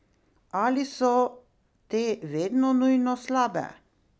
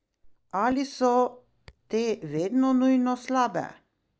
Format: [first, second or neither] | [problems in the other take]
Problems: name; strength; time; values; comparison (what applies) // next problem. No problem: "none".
first | noise reduction (neural mask model DeepFilterNet 3)